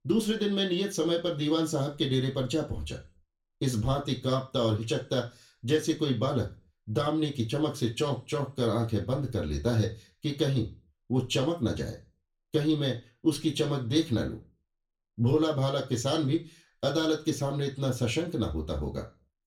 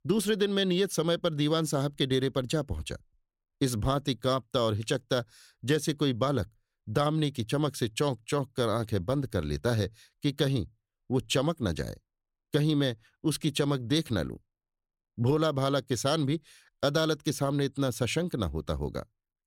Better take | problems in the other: second | room echo; very slight; dies away in 0.3 s // off-mic speech; far

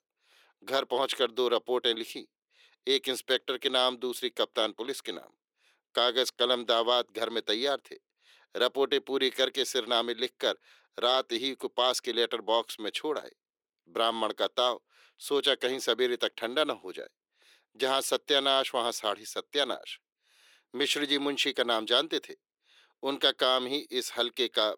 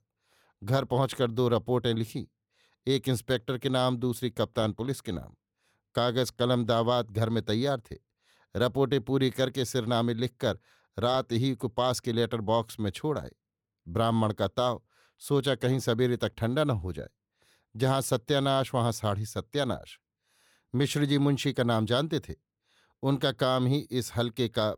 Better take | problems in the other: second | thin; somewhat; fading below 350 Hz

